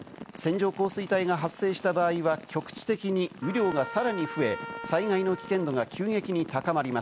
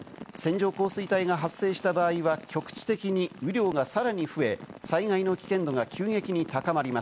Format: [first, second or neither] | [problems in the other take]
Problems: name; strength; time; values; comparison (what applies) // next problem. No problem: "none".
second | background sound (Trumpet); 12 dB below the speech